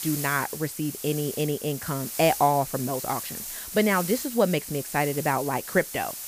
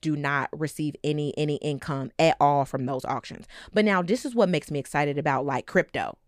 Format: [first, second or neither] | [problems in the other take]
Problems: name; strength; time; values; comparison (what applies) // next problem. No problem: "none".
second | hiss; loud; throughout; 7 dB below the speech